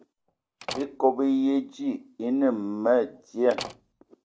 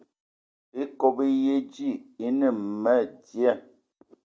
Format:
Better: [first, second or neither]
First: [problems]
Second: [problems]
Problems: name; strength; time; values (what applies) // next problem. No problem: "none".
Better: second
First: background sound (Slam); 14 dB below the speech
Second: none